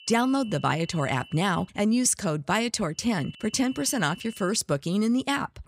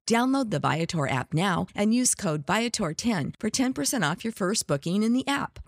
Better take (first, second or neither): second